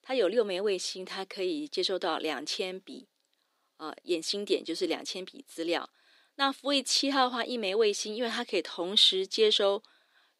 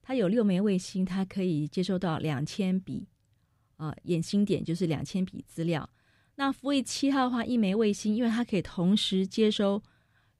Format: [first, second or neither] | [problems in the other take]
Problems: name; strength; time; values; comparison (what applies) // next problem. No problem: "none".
second | thin; somewhat; fading below 300 Hz